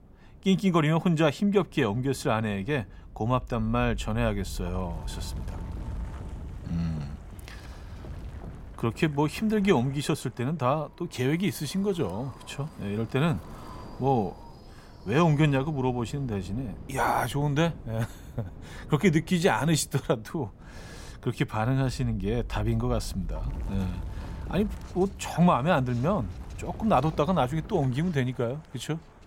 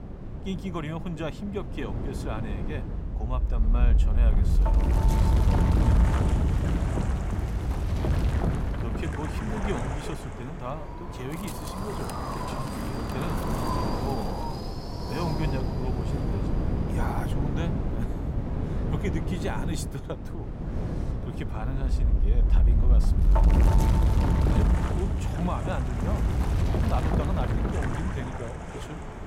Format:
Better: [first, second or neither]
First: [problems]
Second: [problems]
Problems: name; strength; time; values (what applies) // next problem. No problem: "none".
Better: first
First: wind noise on the microphone; occasional gusts; 20 dB below the speech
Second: wind noise on the microphone; heavy; 3 dB above the speech